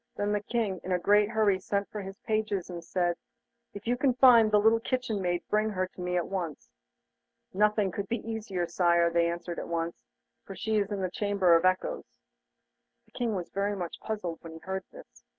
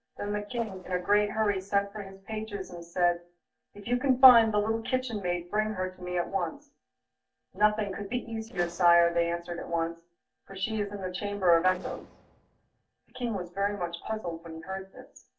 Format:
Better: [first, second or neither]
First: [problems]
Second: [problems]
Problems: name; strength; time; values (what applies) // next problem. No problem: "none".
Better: first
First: none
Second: noise reduction (neural separator model SepFormer DNS4)